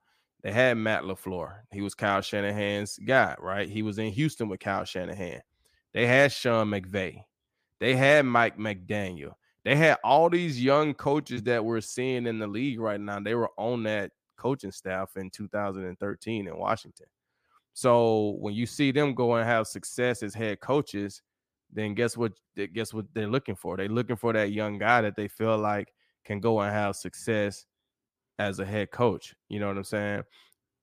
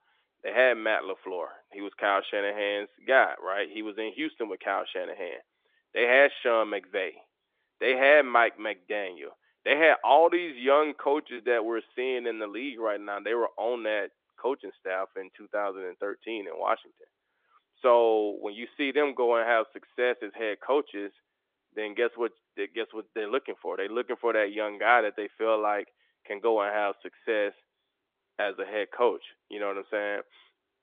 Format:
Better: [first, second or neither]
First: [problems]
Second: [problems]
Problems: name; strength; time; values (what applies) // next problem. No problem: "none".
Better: first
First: none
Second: phone-call audio; nothing above 3.5 kHz